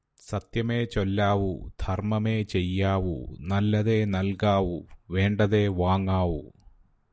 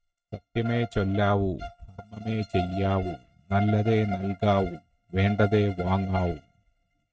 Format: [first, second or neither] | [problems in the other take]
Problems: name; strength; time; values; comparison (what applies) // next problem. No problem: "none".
first | noise reduction (neural mask model RNNoise)